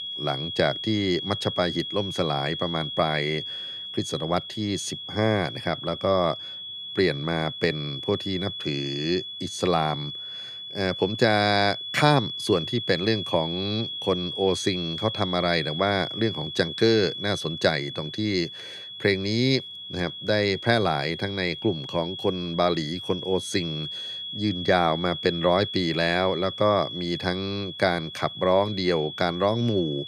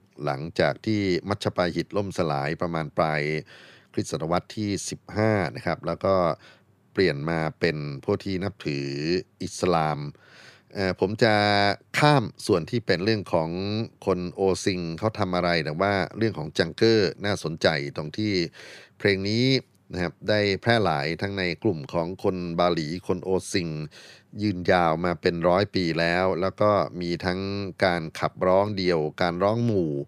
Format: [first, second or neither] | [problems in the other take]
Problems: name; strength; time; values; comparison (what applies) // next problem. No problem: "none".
second | high-pitched whine; loud; throughout; 3.5 kHz, 7 dB below the speech